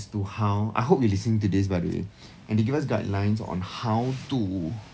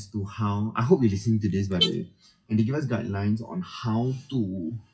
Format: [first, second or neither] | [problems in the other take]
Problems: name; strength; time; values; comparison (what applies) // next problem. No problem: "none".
first | noise reduction (classical method WPE with log-MMSE)